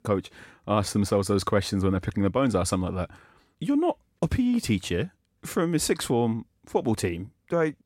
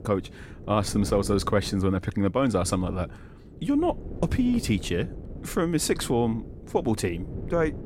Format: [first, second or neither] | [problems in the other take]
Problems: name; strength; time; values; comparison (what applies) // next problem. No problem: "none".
first | wind noise on the microphone; occasional gusts; 20 dB below the speech